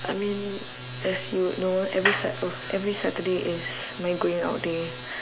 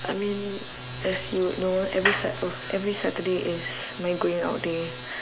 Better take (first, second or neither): first